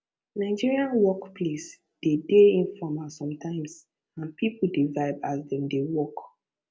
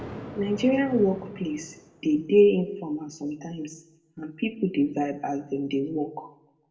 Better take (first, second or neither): first